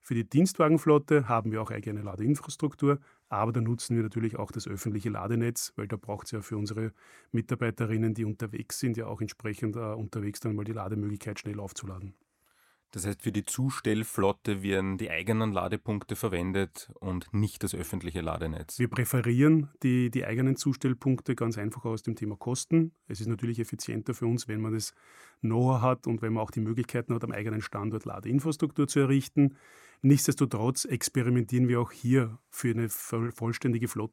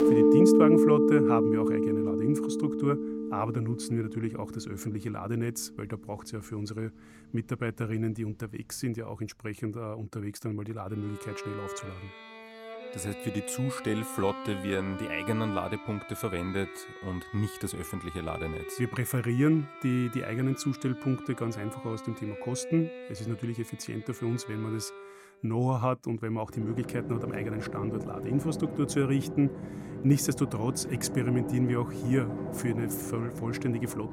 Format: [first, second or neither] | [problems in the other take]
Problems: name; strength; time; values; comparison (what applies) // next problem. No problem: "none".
first | background music; very loud; throughout; 1 dB above the speech